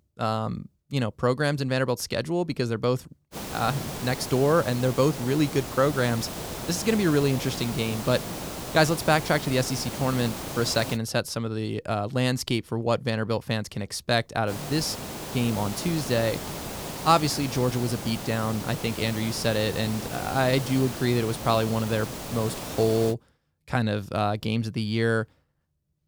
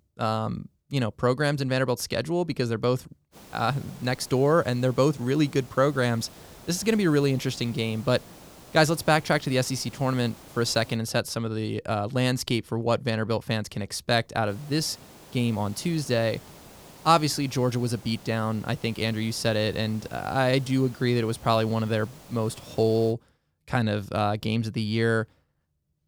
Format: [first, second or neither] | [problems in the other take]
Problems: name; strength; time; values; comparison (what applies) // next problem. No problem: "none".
second | hiss; loud; from 3.5 to 11 s and from 14 to 23 s; 8 dB below the speech; faint in the second